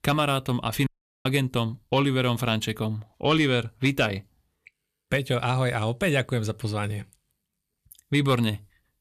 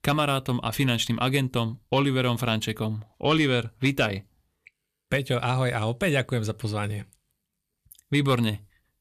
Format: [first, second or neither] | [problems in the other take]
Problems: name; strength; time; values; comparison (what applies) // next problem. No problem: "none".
second | audio cutting out; at 1 s